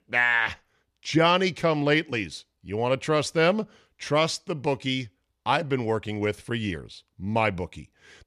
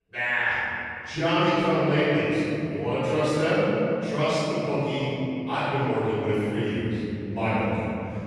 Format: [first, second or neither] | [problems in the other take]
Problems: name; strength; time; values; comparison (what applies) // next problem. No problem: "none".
first | room echo; strong; dies away in 3 s // off-mic speech; far